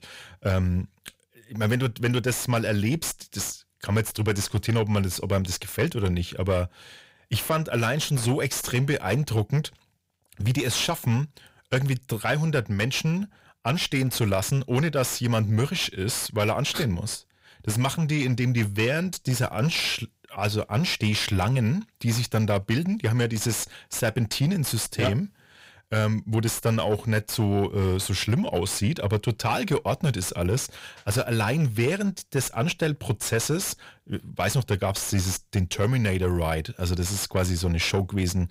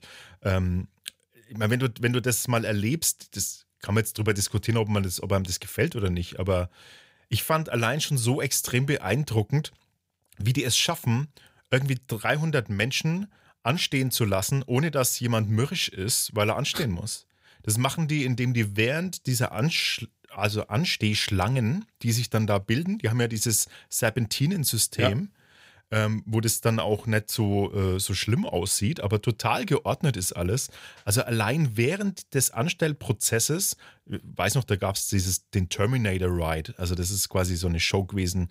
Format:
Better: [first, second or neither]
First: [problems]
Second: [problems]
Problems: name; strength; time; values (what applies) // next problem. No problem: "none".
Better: second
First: distortion; slight; 10 dB below the speech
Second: none